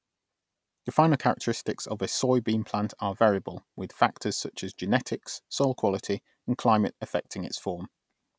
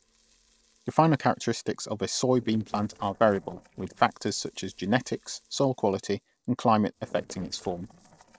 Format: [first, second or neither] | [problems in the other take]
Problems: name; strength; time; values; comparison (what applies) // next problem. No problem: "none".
first | noise reduction (neural separator model SepFormer DNS4)